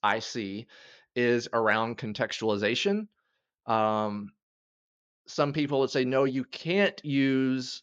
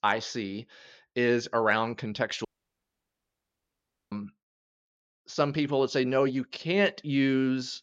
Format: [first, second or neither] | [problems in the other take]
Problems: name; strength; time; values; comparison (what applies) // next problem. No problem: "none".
first | audio cutting out; at 2.5 s for 1.5 s